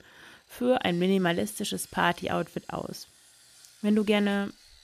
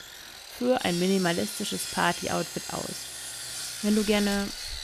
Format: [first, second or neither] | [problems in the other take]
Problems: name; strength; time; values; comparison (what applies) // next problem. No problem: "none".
first | machinery noise; loud; throughout; 6 dB below the speech; faint in the first